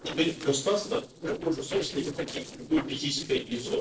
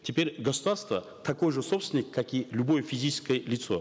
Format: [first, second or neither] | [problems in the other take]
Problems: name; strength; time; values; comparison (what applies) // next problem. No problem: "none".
second | noise reduction (neural separator model SepFormer DNS4)